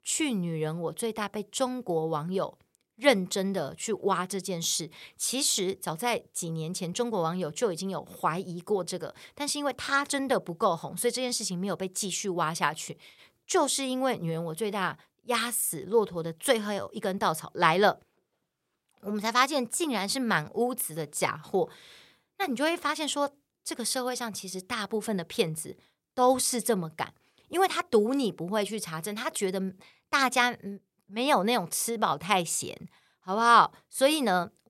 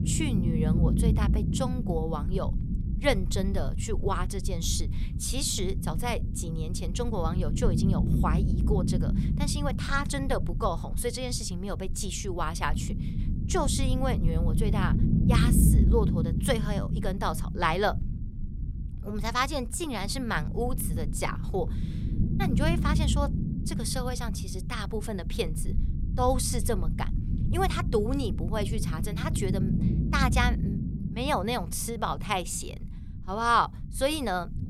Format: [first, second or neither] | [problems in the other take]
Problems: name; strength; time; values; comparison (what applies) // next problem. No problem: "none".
first | low rumble; loud; throughout; 9 dB below the speech